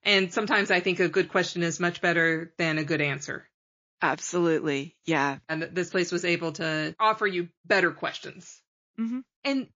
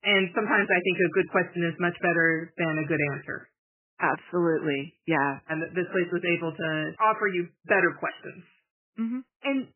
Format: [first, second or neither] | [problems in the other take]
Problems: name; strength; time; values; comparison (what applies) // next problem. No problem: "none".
first | garbled, watery; badly; nothing above 3 kHz; slightly in the first